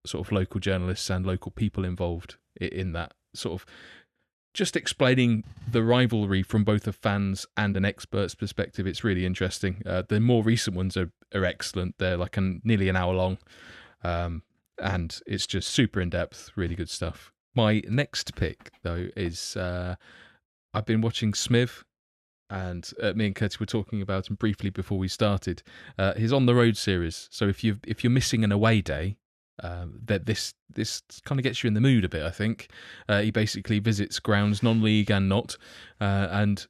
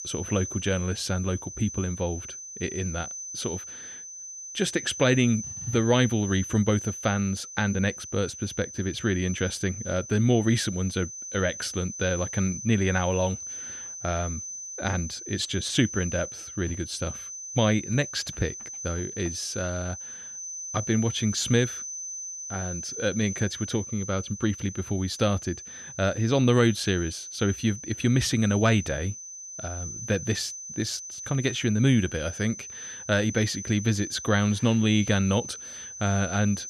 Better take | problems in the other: first | high-pitched whine; loud; throughout; 6 kHz, 9 dB below the speech

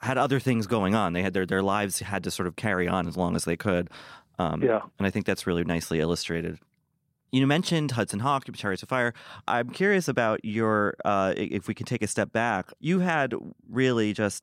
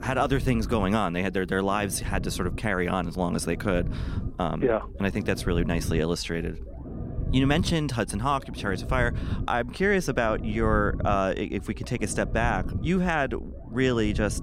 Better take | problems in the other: first | low rumble; noticeable; throughout; 15 dB below the speech

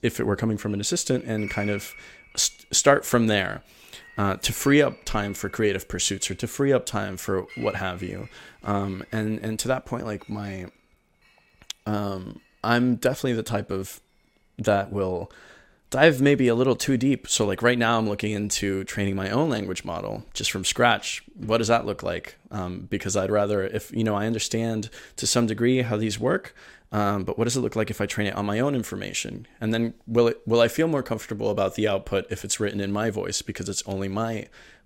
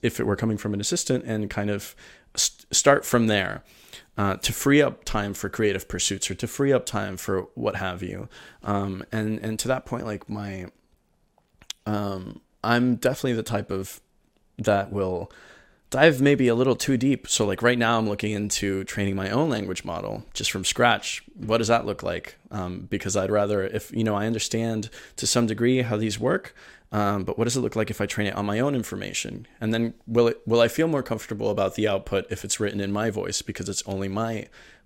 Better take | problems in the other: second | household noises; noticeable; throughout; 20 dB below the speech

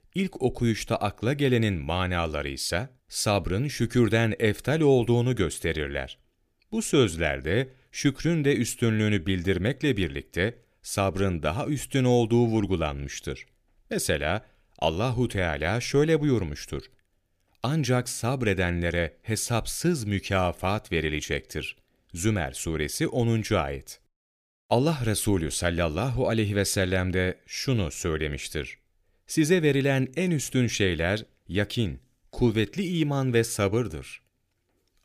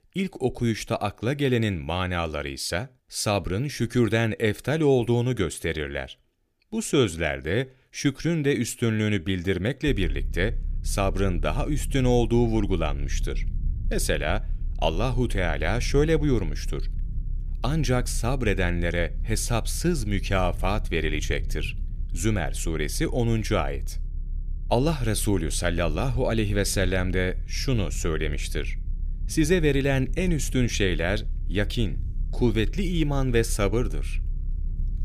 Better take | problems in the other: first | low rumble; faint; from 10 s on; 25 dB below the speech

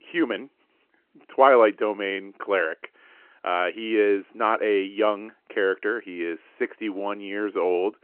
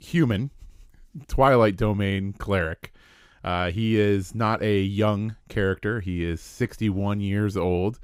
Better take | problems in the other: second | phone-call audio

